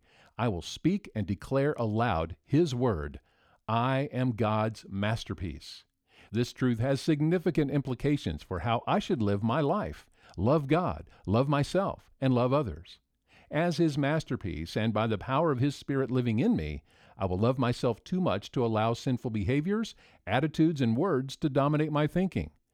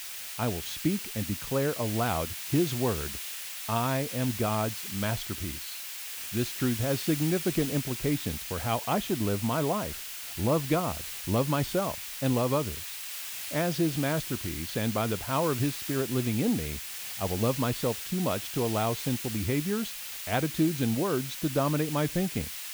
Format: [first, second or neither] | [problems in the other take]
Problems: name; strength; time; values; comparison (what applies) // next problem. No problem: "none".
first | hiss; loud; throughout; 5 dB below the speech